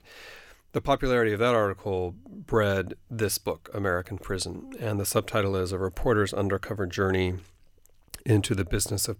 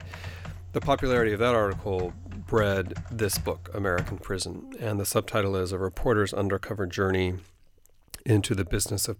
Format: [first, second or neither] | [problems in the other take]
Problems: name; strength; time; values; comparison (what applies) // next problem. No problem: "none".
first | keyboard typing; noticeable; until 4 s; peak 8 dB below the speech